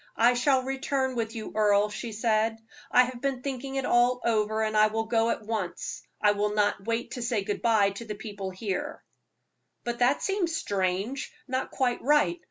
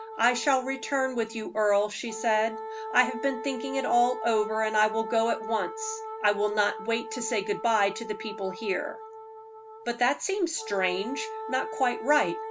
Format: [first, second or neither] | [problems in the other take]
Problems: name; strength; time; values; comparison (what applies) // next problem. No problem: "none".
first | background sound (Wind instrument, woodwind instrument); 10 dB below the speech